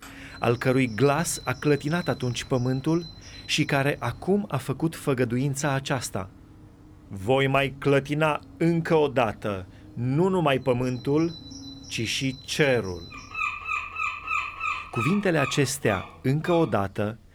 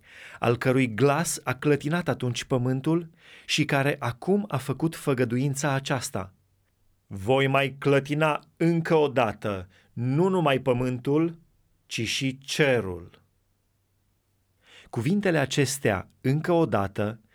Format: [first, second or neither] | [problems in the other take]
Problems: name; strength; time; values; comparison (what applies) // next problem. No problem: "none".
second | animal sounds; loud; throughout; 10 dB below the speech